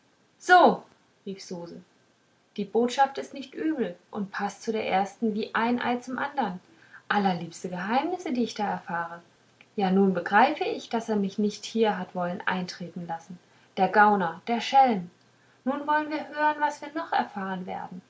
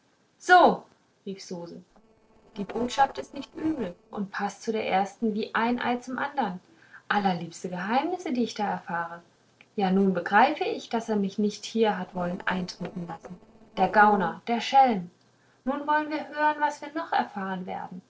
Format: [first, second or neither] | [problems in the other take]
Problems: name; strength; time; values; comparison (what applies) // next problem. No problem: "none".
first | noise reduction (neural separator model SepFormer DNS4)